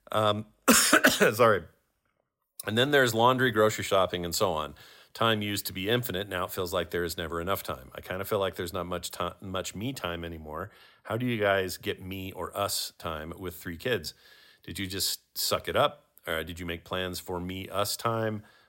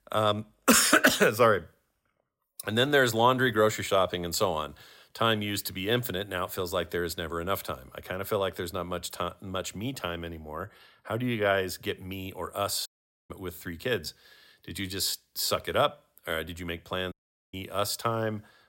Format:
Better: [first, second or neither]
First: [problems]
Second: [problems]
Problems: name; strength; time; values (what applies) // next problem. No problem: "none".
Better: first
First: none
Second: audio cutting out; at 13 s and at 17 s